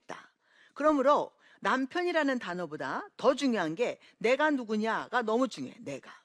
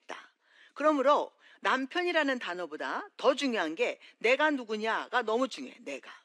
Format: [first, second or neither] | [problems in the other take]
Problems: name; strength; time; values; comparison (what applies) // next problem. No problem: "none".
first | thin; very slightly; fading below 250 Hz